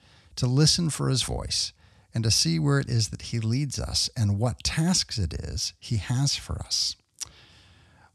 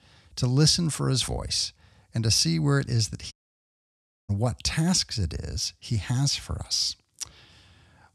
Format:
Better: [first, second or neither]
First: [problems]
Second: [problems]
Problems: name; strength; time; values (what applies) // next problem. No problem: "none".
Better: first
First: none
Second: audio cutting out; at 3.5 s for 1 s